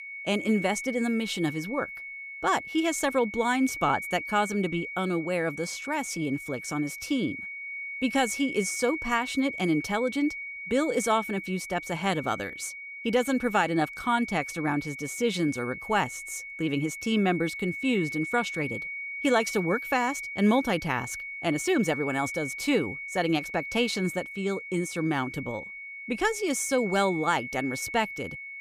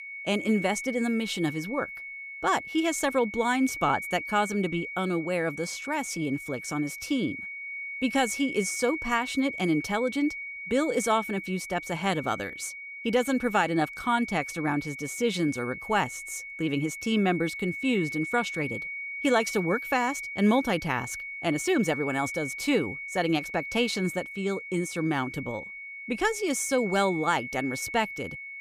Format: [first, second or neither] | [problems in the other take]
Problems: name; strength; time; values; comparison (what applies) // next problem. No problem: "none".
neither | high-pitched whine; loud; throughout; 2 kHz, 8 dB below the speech; the same in both